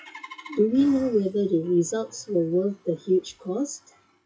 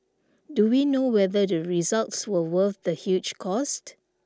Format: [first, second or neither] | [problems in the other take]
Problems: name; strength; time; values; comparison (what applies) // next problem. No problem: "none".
second | noise reduction (classical method WPE with log-MMSE)